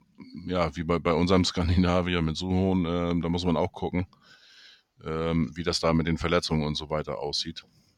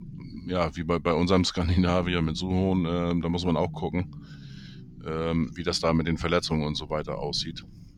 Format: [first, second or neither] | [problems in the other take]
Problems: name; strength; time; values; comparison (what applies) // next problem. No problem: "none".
first | low rumble; faint; throughout; 20 dB below the speech